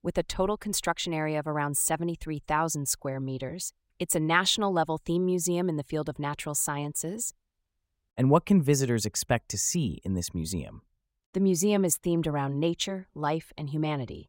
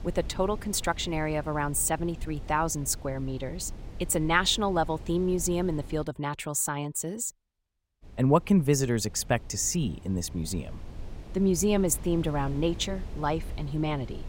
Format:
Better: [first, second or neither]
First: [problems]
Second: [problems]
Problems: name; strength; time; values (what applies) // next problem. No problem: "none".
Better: first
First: none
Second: wind noise on the microphone; occasional gusts; until 6 s and from 8 s on; 20 dB below the speech